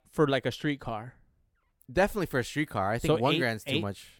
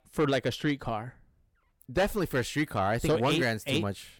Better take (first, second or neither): first